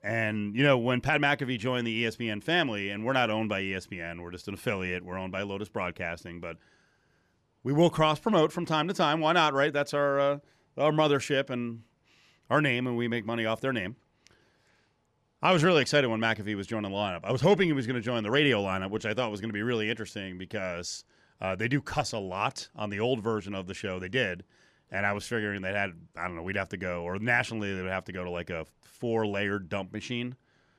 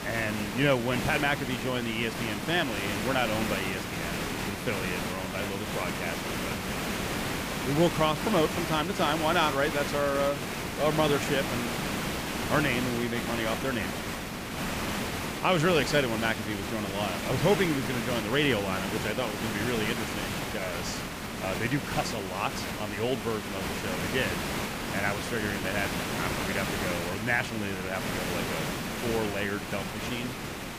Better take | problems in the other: first | hiss; loud; throughout; 2 dB below the speech

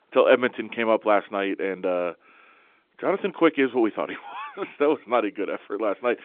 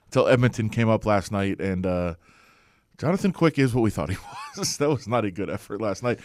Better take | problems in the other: second | phone-call audio; nothing above 3.5 kHz

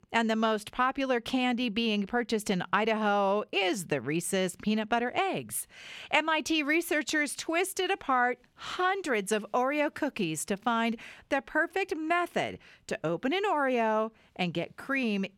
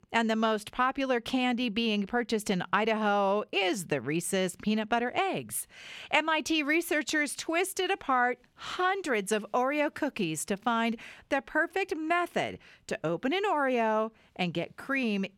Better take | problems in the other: neither | none

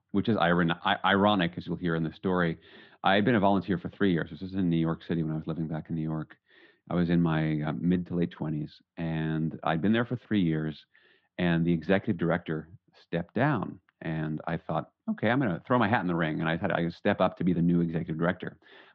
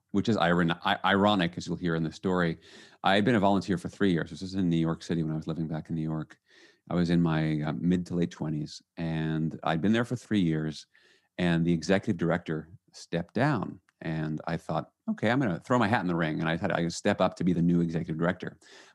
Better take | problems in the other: second | muffled; slightly; fading above 3.5 kHz

